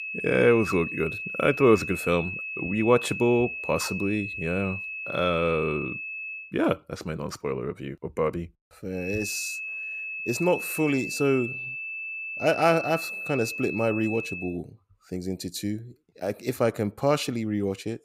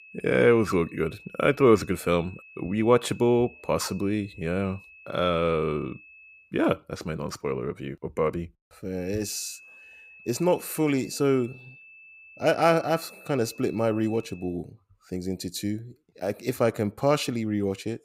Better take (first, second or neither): second